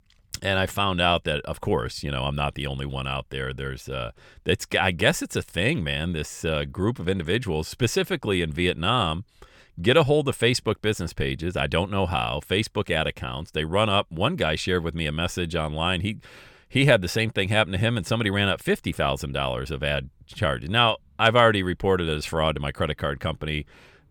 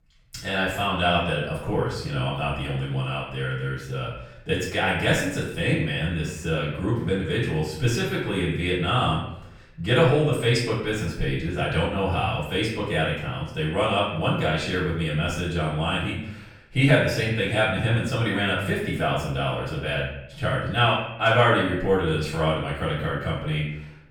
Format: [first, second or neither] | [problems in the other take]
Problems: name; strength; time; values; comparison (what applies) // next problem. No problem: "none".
first | off-mic speech; far // room echo; noticeable; dies away in 0.6 s